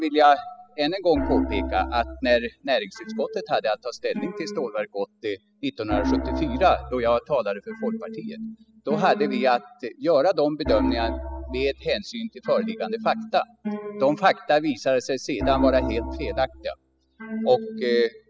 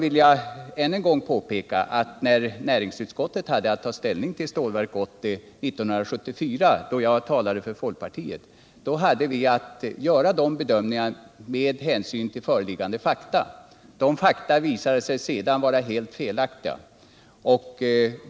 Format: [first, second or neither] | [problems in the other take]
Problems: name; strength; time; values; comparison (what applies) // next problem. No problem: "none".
second | noise reduction (classical method spectral subtraction)